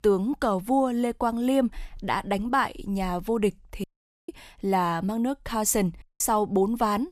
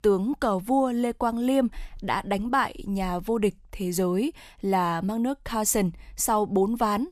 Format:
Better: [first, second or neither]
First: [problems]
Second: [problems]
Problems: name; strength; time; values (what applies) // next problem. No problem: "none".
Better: second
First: audio cutting out; at 4 s and at 6 s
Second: none